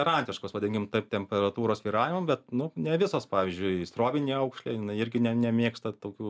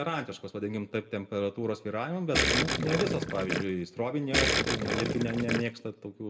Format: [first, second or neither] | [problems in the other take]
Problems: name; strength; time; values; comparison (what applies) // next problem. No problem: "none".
first | background sound (Gurgling); 2 dB above the speech // room echo; dies away in 0.7 s